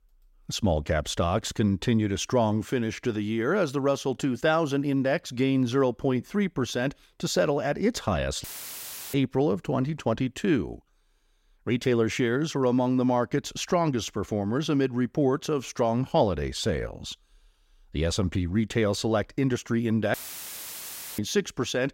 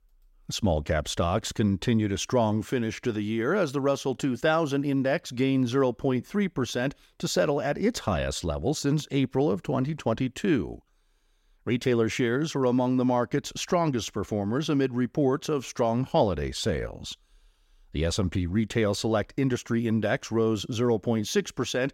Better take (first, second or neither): second